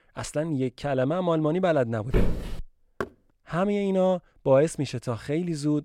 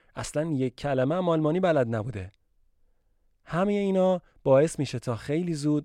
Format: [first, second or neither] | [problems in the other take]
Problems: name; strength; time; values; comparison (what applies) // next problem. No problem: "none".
second | footsteps; noticeable; at 2 s; peak 2 dB below the speech // door banging; faint; at 3 s; peak 10 dB below the speech